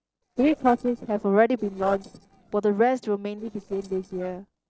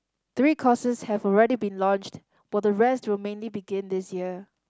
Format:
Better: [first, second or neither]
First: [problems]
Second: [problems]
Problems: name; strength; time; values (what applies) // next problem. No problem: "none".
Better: second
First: noise reduction (neural separator model SepFormer DNS4)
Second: none